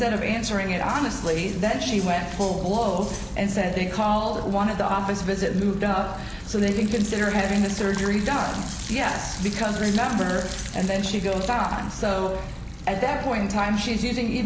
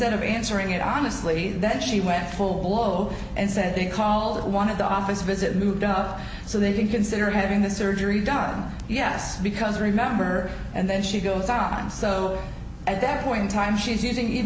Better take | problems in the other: second | background sound (Cutlery, silverware + Liquid); 17 dB below the speech

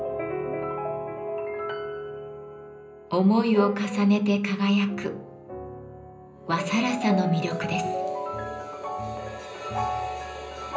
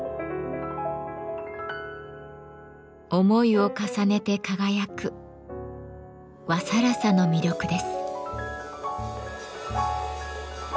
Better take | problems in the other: second | room echo; dies away in 0.5 s

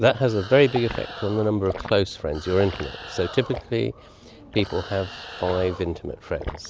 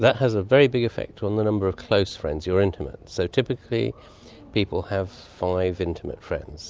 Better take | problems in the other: second | background sound (Animal + Liquid); 13 dB below the speech

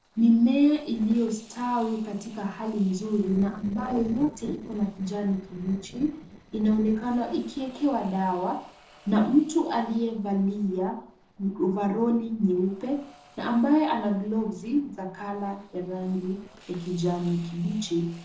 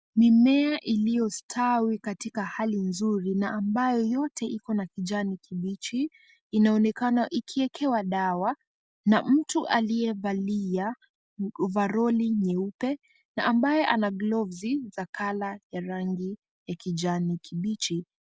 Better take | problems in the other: second | noise reduction (neural separator model SepFormer DNS4)

